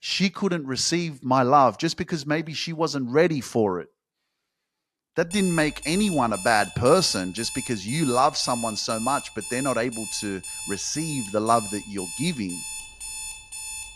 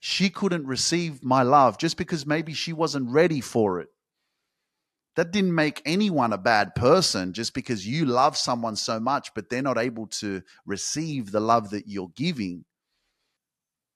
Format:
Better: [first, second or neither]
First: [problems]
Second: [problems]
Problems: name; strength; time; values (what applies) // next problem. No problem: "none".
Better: second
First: alarm; noticeable; from 5.5 s on; peak 8 dB below the speech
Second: none